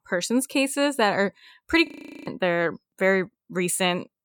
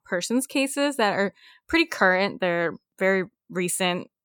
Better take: second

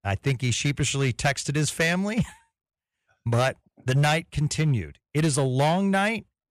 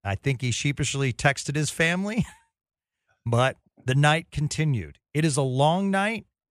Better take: second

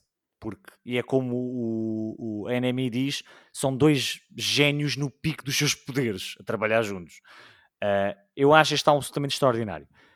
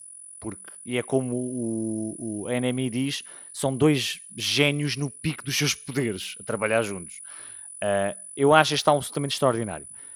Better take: first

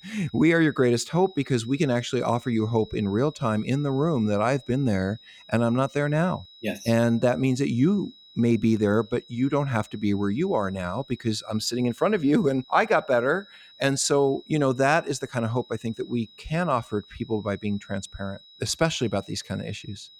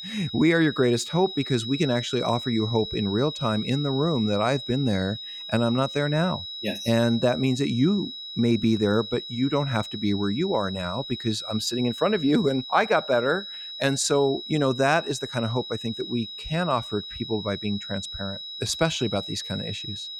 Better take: first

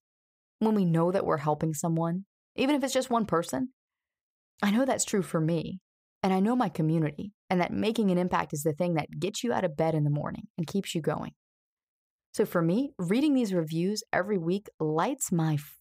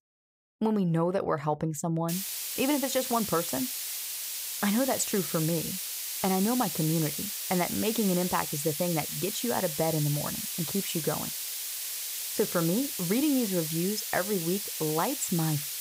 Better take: first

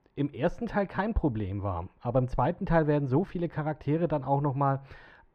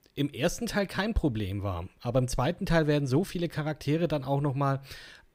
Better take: second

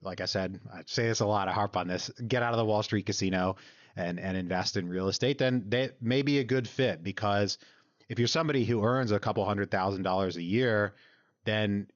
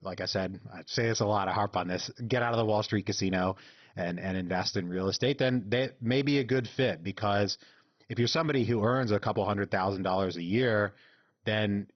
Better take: first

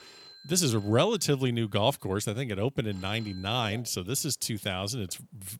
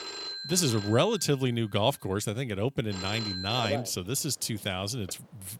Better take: first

